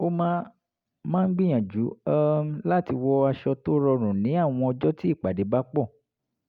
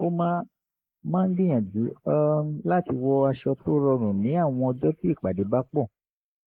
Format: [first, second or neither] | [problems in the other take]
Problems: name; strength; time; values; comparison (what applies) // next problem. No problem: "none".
first | noise reduction (neural mask model Resemble Enhance denoiser)